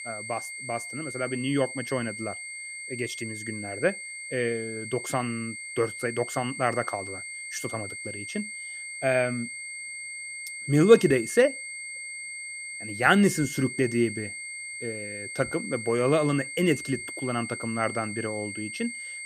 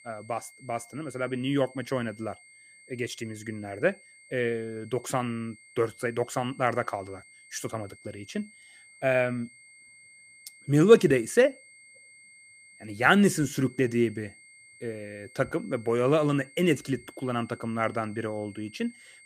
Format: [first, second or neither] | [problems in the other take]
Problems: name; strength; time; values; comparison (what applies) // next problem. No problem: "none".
second | high-pitched whine; loud; throughout; 2 kHz, 8 dB below the speech; faint in the second